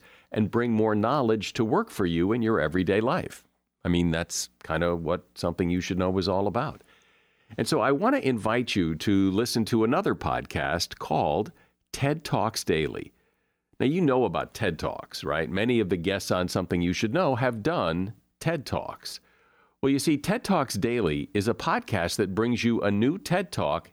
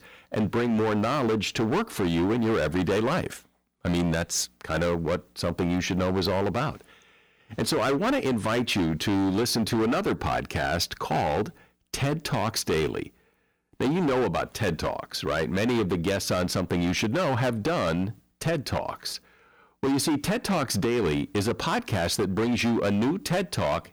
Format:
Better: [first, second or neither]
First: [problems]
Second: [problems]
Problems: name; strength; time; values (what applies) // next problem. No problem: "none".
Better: first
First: none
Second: distortion; heavy; 19% of the sound clipped